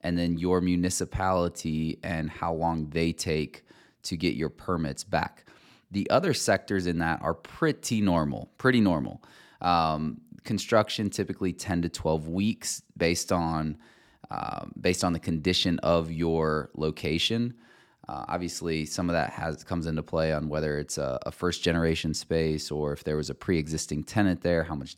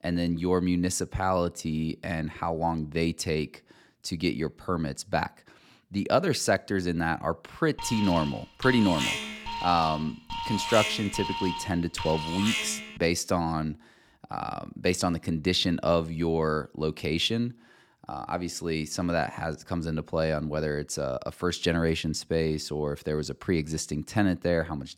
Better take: first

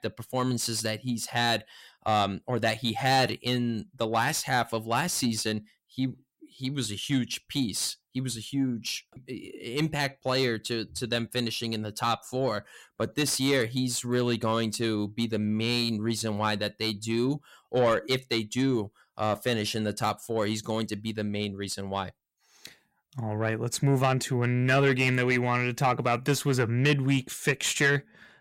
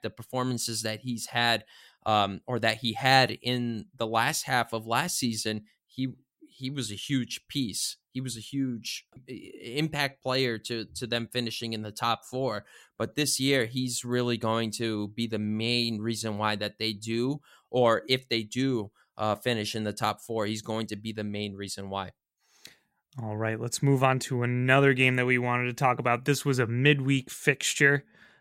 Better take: second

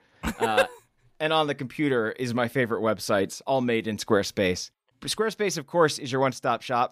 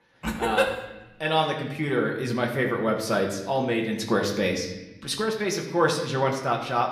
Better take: first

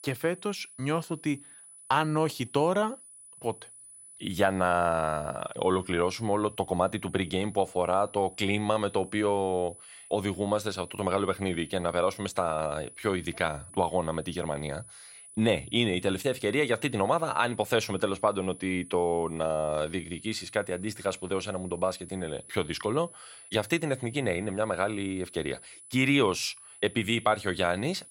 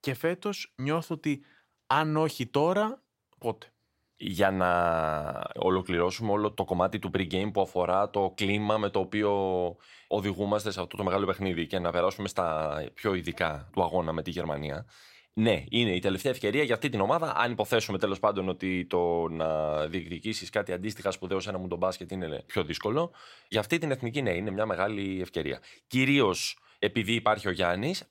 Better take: second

